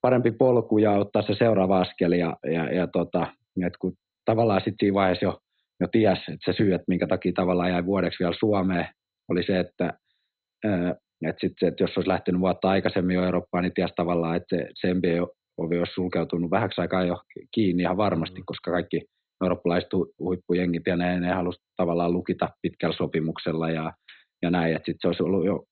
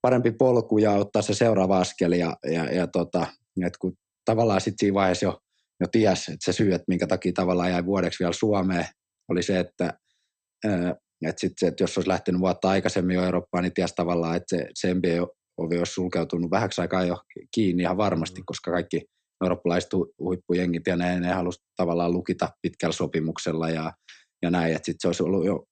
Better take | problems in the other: second | garbled, watery; badly; nothing above 4 kHz; slightly in the second

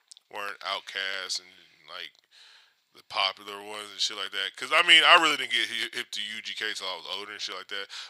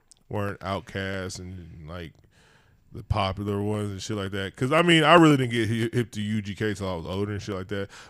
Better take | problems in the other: second | thin; very; fading below 950 Hz

